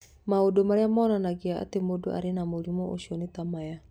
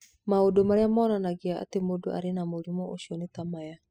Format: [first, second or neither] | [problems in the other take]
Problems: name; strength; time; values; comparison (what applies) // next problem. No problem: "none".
first | noise reduction (classical method spectral subtraction)